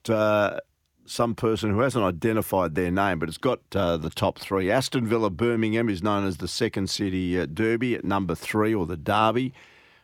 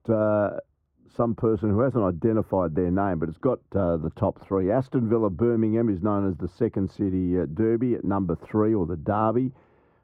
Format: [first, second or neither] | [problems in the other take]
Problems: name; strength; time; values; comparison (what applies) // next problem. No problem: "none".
first | muffled; very; fading above 1.5 kHz